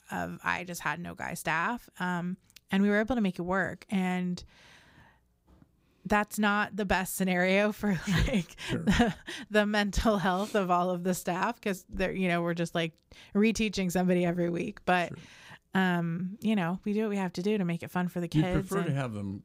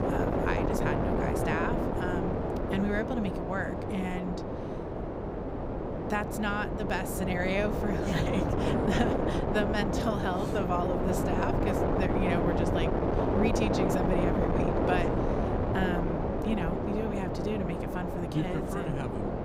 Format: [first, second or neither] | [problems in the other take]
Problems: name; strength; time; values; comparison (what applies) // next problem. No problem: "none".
first | wind noise on the microphone; heavy; 2 dB above the speech